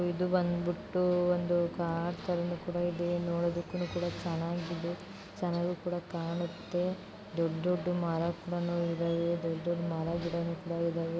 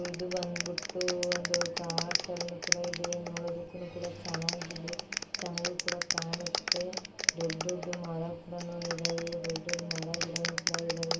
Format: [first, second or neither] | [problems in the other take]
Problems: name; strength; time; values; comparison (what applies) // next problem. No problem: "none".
first | background sound (Clapping); as loud as the speech // room echo; dies away in 0.3 s